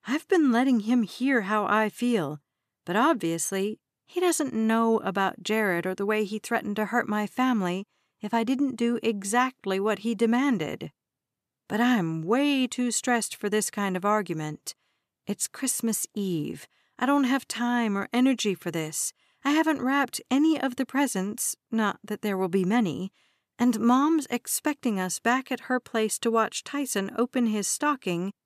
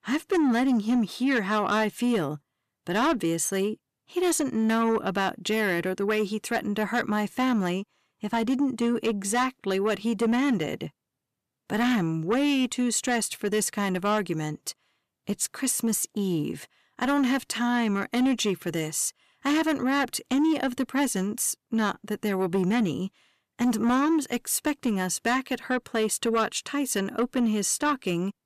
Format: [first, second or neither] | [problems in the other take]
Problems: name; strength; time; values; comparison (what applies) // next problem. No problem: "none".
first | distortion; slight; 10 dB below the speech